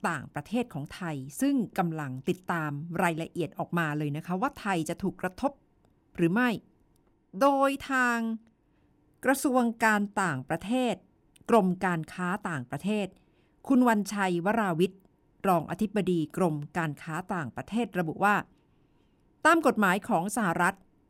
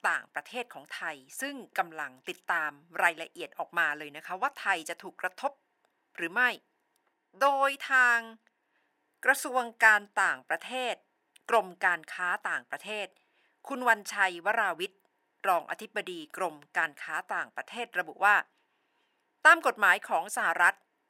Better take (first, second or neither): first